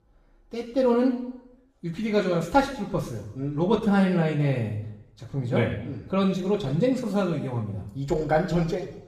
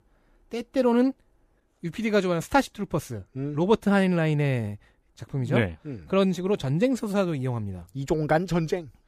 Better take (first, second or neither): second